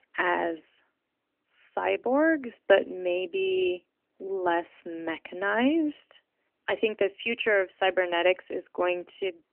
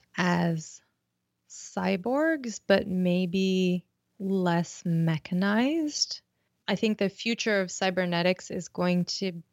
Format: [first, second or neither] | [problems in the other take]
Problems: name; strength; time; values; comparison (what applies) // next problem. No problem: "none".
second | phone-call audio; nothing above 3 kHz